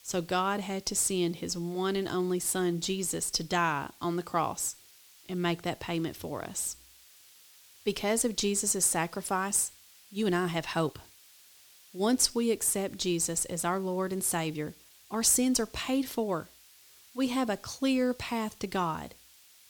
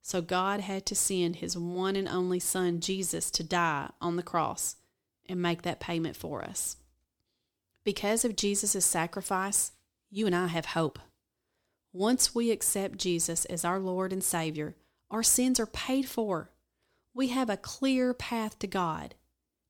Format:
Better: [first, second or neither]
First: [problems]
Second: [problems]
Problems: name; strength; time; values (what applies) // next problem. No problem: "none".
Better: second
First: hiss; faint; throughout; 25 dB below the speech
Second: none